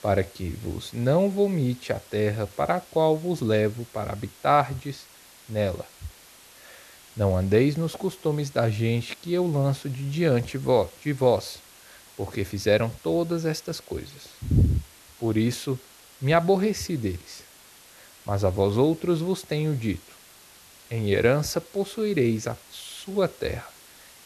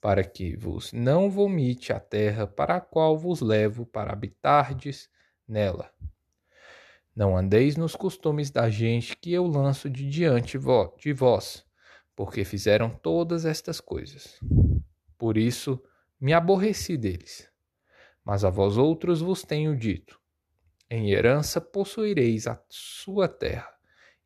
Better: second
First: hiss; faint; throughout; 25 dB below the speech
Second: none

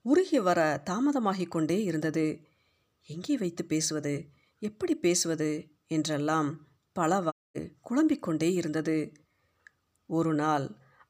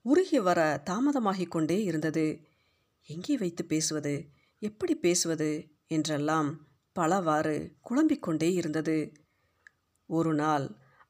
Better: second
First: audio cutting out; at 7.5 s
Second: none

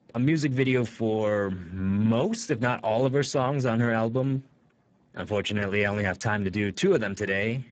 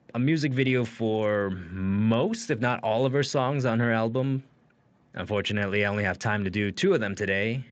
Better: second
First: garbled, watery; badly; nothing above 7.5 kHz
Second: garbled, watery; slightly; nothing above 7.5 kHz

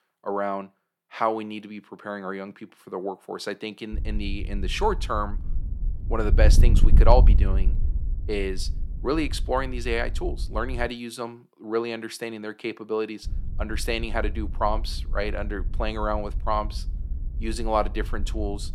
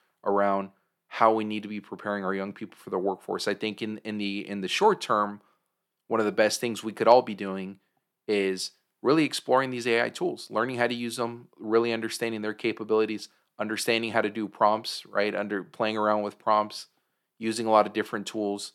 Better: second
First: wind noise on the microphone; occasional gusts; from 4 to 11 s and from 13 s on; 15 dB below the speech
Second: none

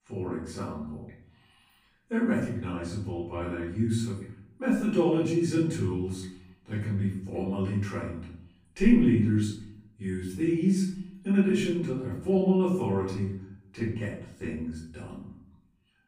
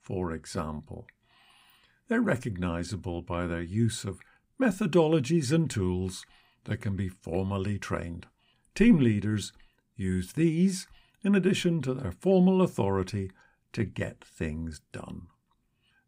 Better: second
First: room echo; noticeable; dies away in 0.6 s // off-mic speech; far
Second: none

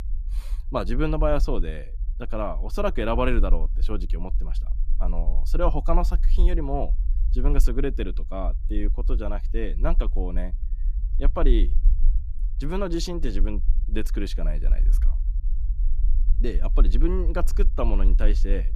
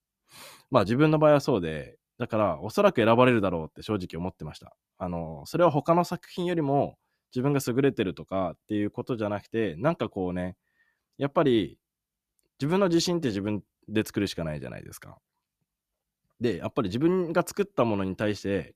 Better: second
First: low rumble; faint; throughout; 20 dB below the speech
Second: none

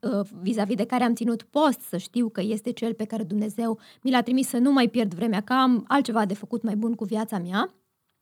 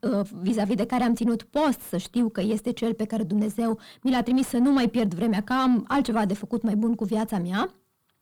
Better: first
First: none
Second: distortion; slight; 10 dB below the speech

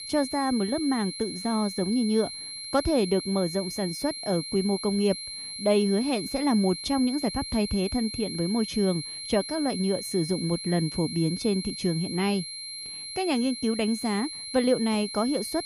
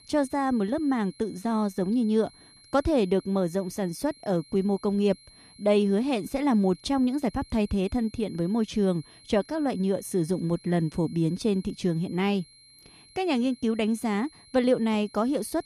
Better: second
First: high-pitched whine; loud; throughout; 4 kHz, 7 dB below the speech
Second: high-pitched whine; faint; throughout; 4 kHz, 25 dB below the speech

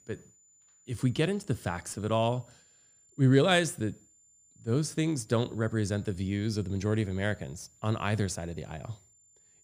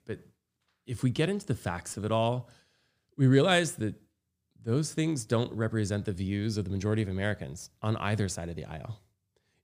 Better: second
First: high-pitched whine; faint; throughout; 7 kHz, 30 dB below the speech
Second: none

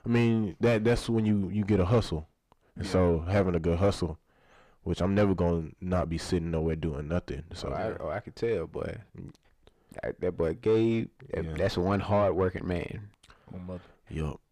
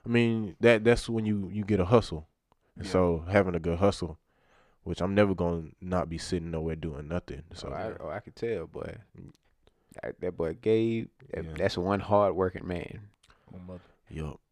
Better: second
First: distortion; heavy; 6 dB below the speech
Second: none

